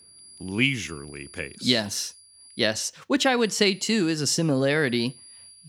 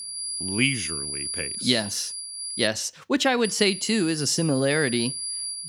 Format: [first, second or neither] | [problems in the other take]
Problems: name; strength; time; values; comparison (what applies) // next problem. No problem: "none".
first | high-pitched whine; loud; until 2.5 s and from 3.5 s on; 10 kHz, 6 dB below the speech; faint in the first